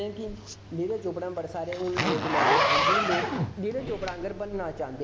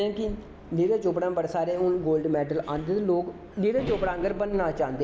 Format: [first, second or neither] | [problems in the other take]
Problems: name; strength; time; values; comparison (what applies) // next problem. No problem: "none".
second | background sound (Zipper (clothing)); 3 dB above the speech